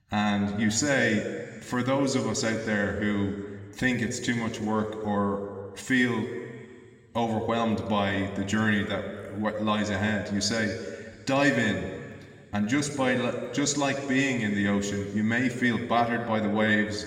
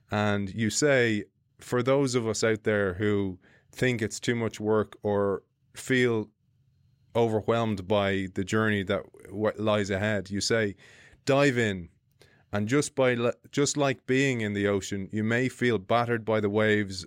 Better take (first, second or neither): second